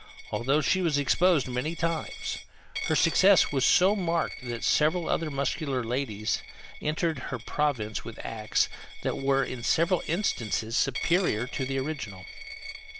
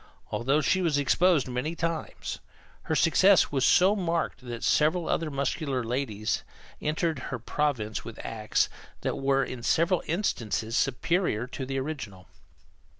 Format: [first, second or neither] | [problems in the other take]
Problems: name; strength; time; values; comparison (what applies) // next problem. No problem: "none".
second | background sound (Coin (dropping)); 13 dB below the speech